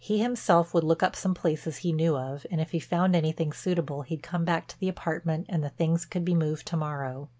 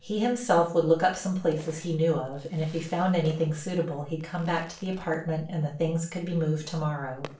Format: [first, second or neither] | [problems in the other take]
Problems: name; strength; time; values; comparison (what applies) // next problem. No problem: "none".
first | noise reduction (neural separator model SepFormer DNS4)